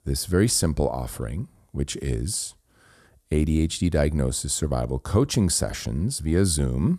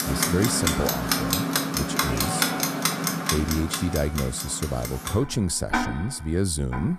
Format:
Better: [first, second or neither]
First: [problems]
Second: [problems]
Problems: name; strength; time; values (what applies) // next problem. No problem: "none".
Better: first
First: none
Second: household noises; very loud; throughout; 2 dB above the speech